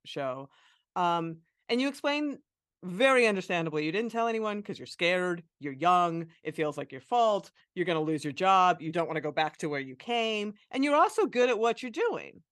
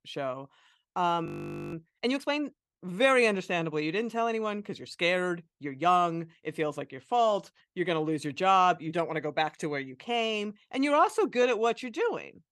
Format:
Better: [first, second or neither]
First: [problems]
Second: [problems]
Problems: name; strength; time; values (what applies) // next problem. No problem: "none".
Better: first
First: none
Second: audio freezing; at 1.5 s